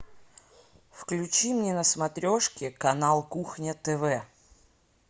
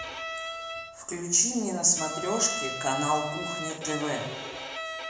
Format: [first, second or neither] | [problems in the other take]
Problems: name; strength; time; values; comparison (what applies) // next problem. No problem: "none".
first | background sound (Bowed string instrument); 7 dB below the speech // room echo; dies away in 0.9 s